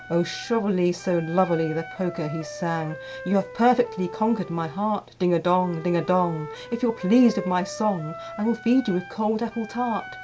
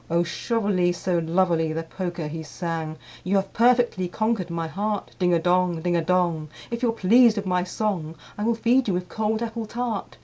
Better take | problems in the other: second | background sound (Wind instrument, woodwind instrument); 15 dB below the speech

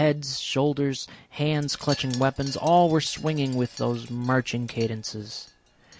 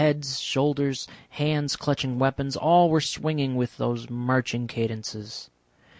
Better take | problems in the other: second | background sound (Wind chime); 20 dB below the speech

